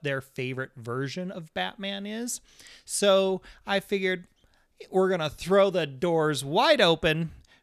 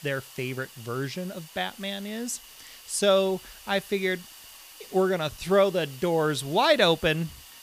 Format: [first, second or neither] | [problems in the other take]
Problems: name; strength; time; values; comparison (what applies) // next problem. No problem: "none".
first | hiss; noticeable; throughout; 20 dB below the speech